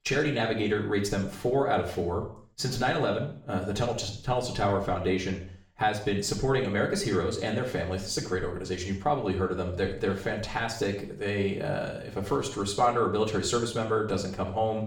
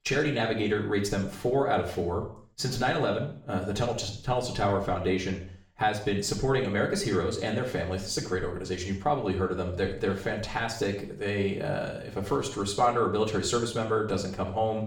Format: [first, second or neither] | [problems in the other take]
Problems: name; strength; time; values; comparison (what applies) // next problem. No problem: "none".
neither | room echo; noticeable; dies away in 0.5 s; the same in both // off-mic speech; far; the same in both